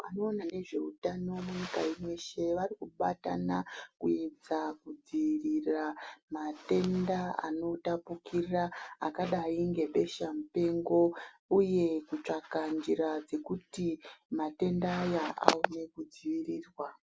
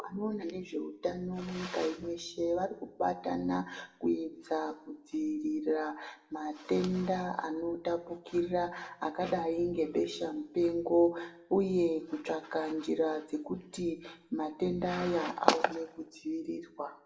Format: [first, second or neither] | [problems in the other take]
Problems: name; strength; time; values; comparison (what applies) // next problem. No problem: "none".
first | room echo; dies away in 0.6 s